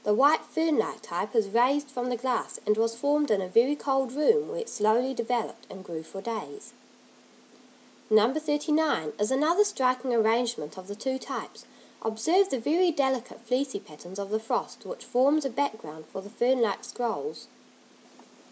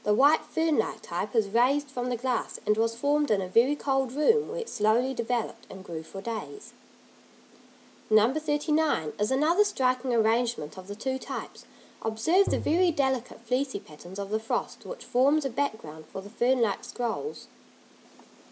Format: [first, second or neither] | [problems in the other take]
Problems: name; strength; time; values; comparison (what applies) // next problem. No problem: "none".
first | background sound (Tap); 8 dB below the speech